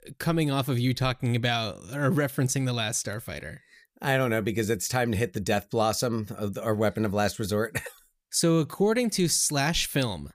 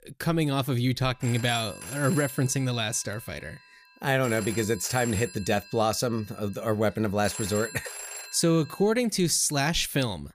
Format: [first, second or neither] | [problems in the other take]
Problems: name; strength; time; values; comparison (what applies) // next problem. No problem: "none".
first | phone ringing; noticeable; from 1 to 9 s; peak 8 dB below the speech